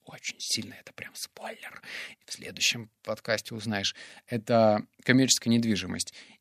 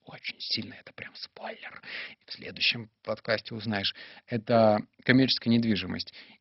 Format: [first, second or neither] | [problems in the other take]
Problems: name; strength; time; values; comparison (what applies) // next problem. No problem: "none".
first | garbled, watery; badly; nothing above 5.5 kHz